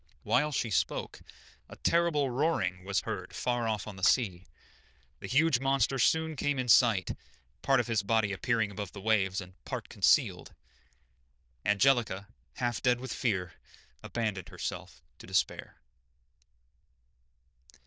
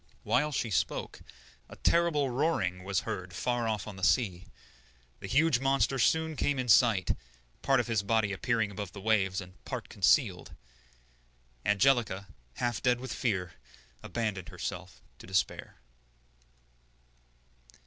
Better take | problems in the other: second | noise reduction (neural diffusion model UNIVERSE++)

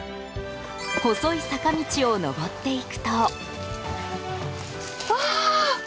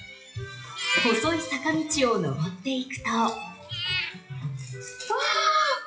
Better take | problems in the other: first | noise reduction (classical method WPE with log-MMSE)

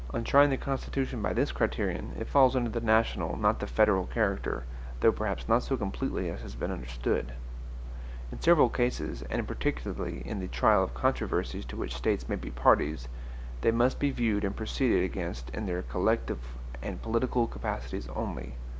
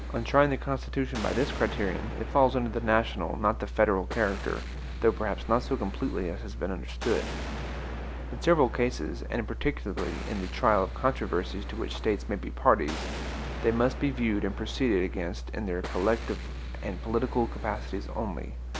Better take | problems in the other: first | background sound (Explosion); 14 dB below the speech

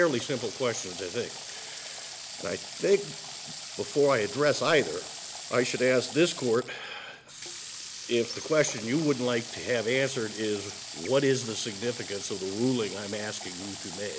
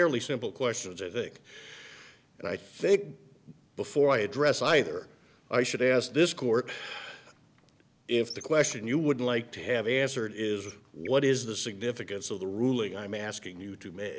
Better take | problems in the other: second | background sound (Water tap, faucet / Water); 11 dB below the speech

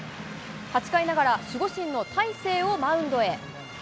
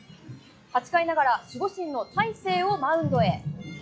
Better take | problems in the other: first | noise reduction (classical method log-MMSE)

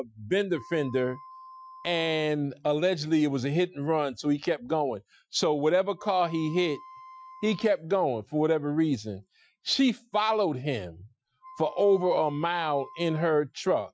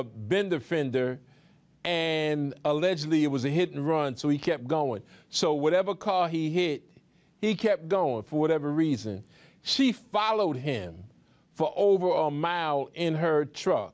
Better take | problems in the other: second | noise reduction (classical method Wiener filter)

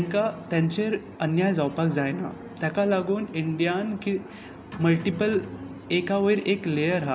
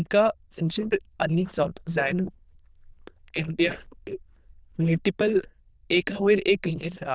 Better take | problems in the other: first | noise reduction (neural diffusion model UNIVERSE++)

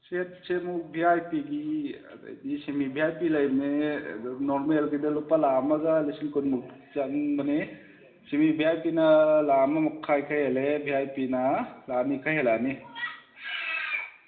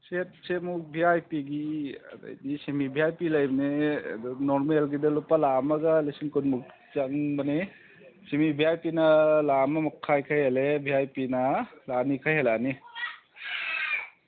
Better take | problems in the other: second | room echo; dies away in 1 s

